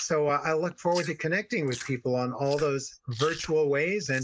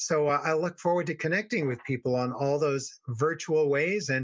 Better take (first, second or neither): second